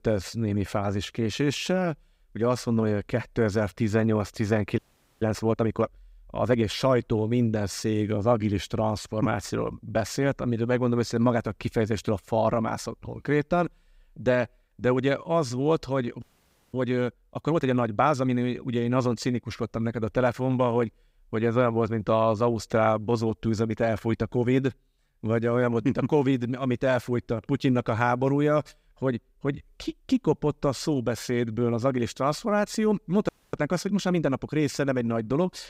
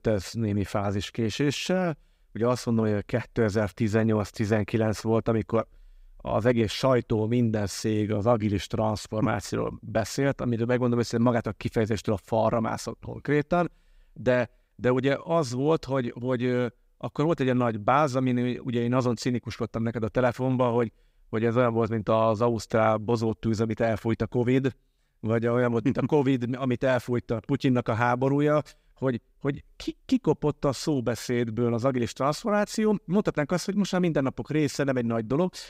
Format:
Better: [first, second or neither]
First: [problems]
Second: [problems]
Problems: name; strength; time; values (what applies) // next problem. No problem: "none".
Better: second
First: audio freezing; at 5 s, at 16 s for 0.5 s and at 33 s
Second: none